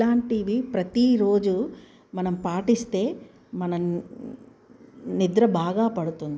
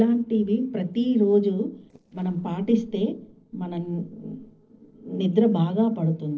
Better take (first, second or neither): first